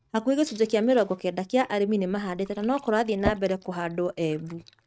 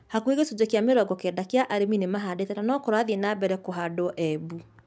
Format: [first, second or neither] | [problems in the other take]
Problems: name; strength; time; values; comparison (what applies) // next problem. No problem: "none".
second | noise reduction (neural mask model RNNoise)